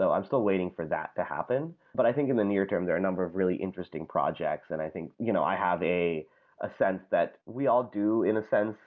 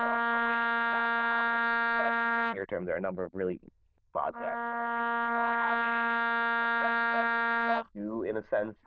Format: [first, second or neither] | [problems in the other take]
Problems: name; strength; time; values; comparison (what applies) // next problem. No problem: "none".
first | noise reduction (neural diffusion model UNIVERSE++)